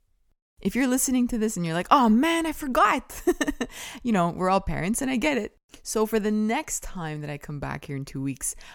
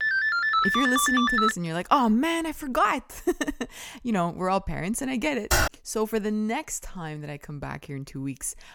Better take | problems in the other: first | phone ringing; loud; until 1.5 s; peak 6 dB above the speech // keyboard typing; loud; at 5.5 s; peak 4 dB above the speech

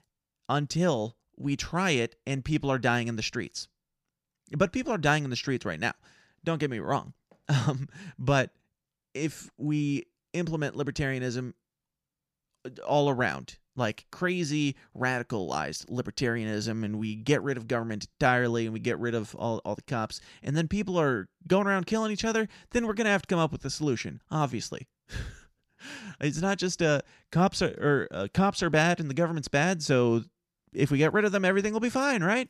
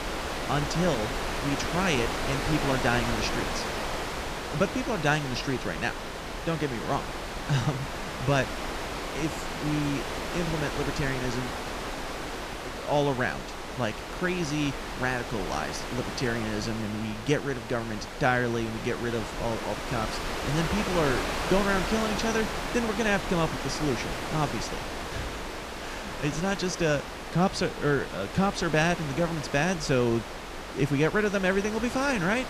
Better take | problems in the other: first | wind noise on the microphone; heavy; 3 dB below the speech

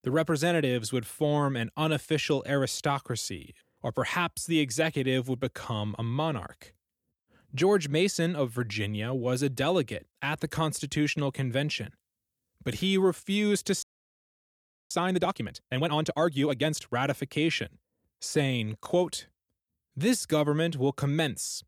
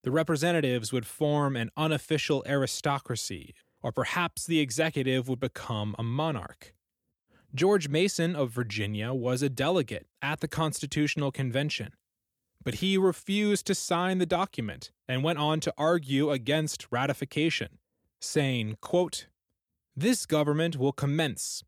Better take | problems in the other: second | audio freezing; at 14 s for 1 s

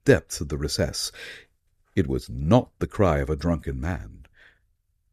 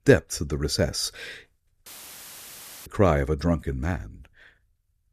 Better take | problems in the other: first | audio cutting out; filled with static; at 2 s for 1 s

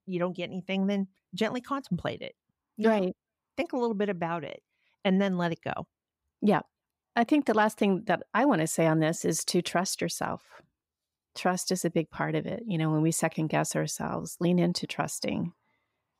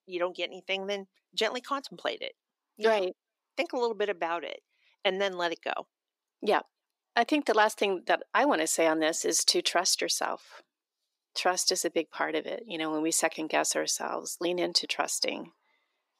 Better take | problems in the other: first | thin; somewhat; fading below 300 Hz

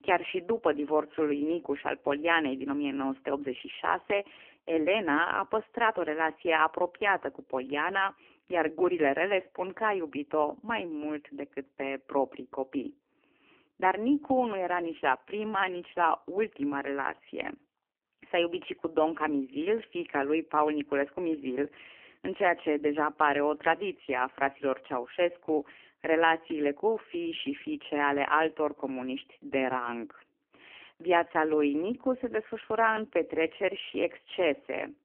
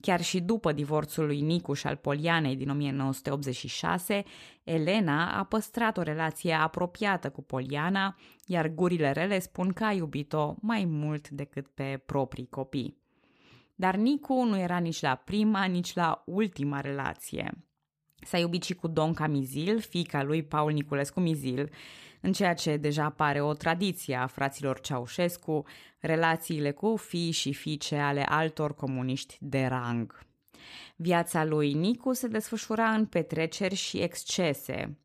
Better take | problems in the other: second | phone-call audio; poor line; nothing above 3 kHz

